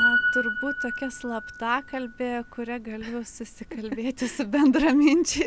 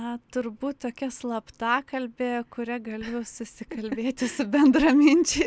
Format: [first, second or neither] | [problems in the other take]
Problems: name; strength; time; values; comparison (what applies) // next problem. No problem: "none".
second | background sound (Piano); 5 dB below the speech